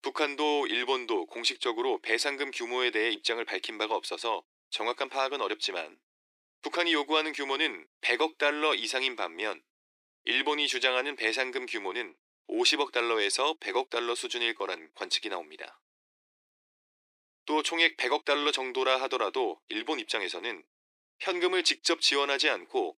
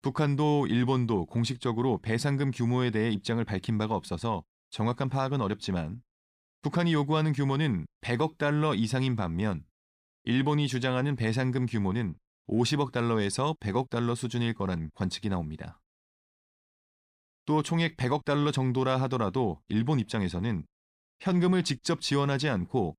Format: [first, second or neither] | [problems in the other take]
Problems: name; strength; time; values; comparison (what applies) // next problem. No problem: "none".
second | thin; very; fading below 350 Hz